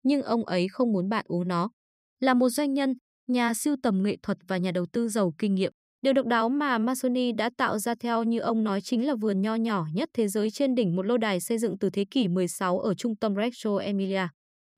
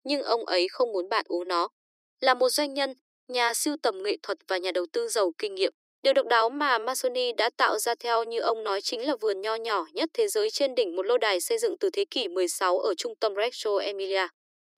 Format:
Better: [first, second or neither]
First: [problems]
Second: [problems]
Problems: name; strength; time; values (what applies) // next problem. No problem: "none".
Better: first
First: none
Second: thin; very; fading below 300 Hz